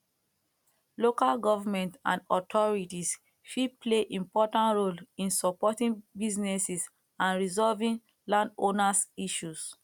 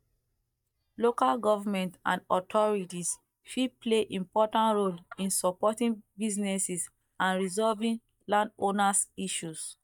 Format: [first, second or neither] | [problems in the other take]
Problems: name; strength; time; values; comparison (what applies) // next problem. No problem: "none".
first | noise reduction (neural mask model DeepFilterNet 3)